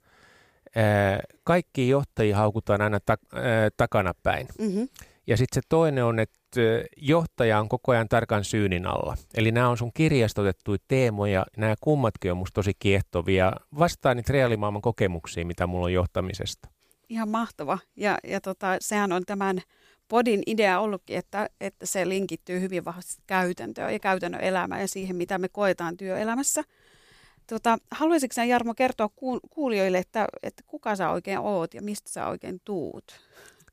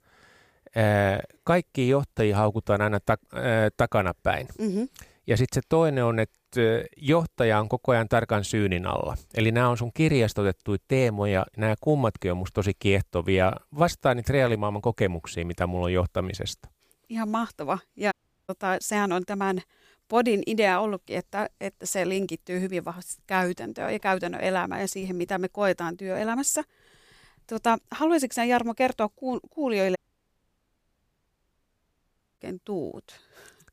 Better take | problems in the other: first | audio cutting out; at 18 s and at 30 s for 2.5 s

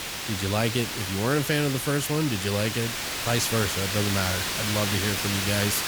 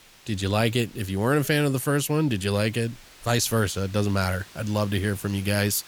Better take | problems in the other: second | hiss; loud; throughout; 1 dB below the speech; faint in the second

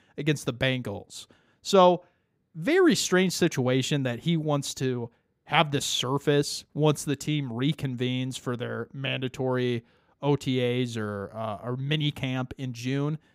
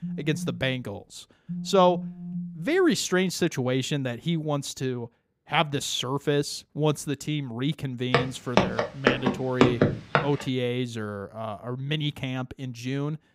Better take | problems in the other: first | phone ringing; noticeable; until 2.5 s; peak 6 dB below the speech // footsteps; loud; from 8 to 10 s; peak 6 dB above the speech

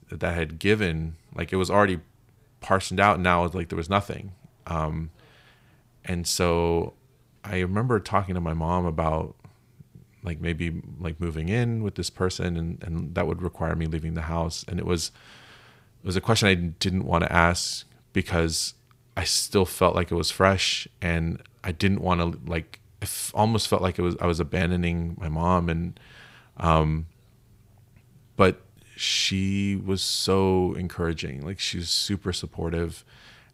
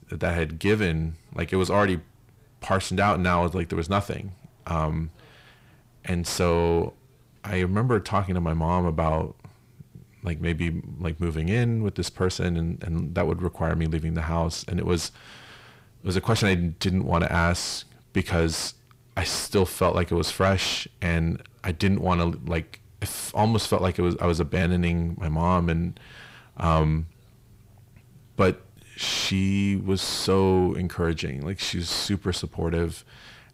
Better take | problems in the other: first | distortion; slight; 10 dB below the speech

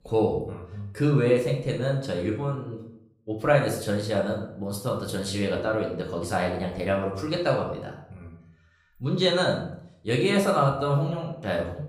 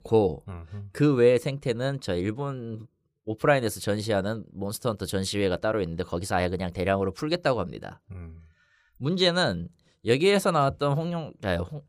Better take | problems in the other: second | room echo; slight; dies away in 0.5 s // off-mic speech; far

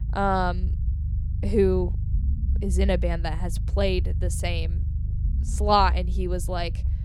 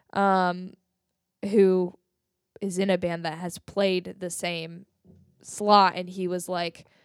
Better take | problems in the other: second | low rumble; noticeable; throughout; 20 dB below the speech

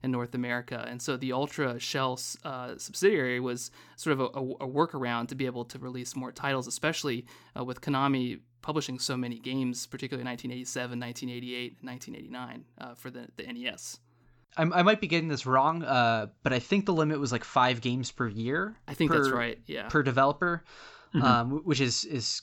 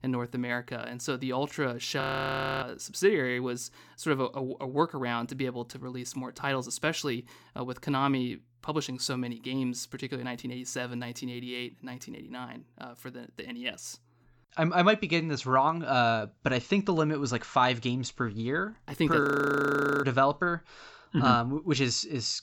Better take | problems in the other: first | audio freezing; at 2 s for 0.5 s and at 19 s for 1 s

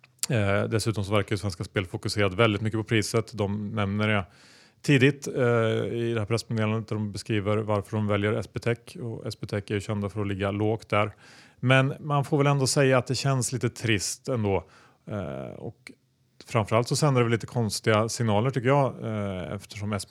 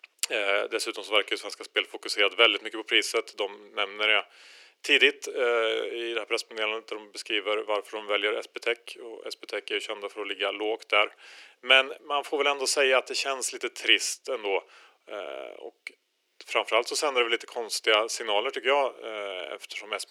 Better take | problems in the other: first | thin; very; fading below 350 Hz

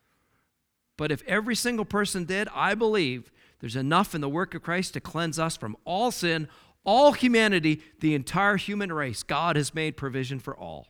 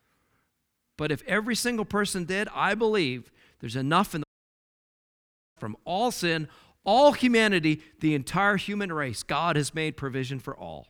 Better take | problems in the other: first | audio cutting out; at 4 s for 1.5 s

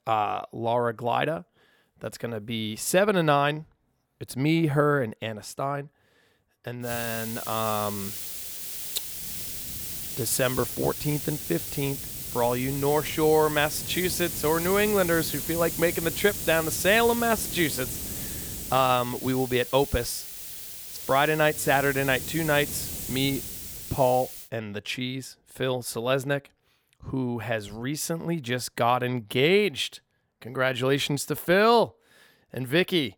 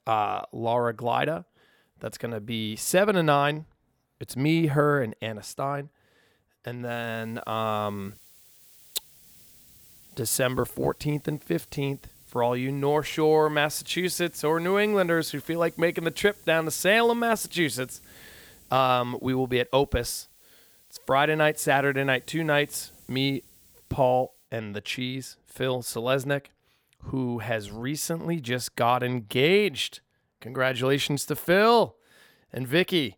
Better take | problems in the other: second | hiss; loud; from 7 to 24 s; 6 dB below the speech; faint in the second

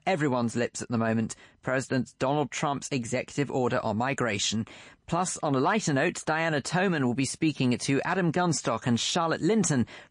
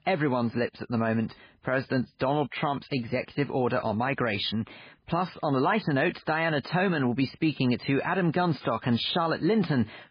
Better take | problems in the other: first | garbled, watery; badly; nothing above 4 kHz; slightly in the first

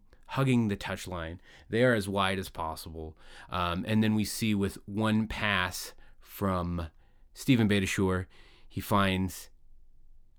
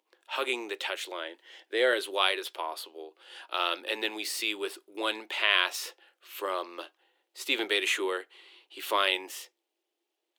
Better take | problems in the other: first | thin; very; fading below 350 Hz

